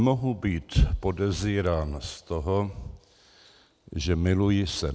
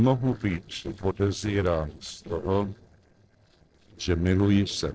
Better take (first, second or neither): first